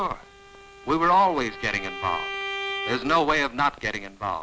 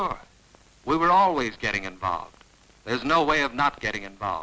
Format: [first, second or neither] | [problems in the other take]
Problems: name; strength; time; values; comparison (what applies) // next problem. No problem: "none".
second | background sound (Bowed string instrument); 11 dB below the speech